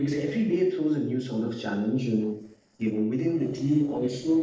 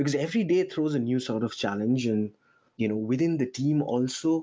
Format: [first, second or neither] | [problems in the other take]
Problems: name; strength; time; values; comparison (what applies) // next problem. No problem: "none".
second | noise reduction (neural separator model SepFormer DNS4)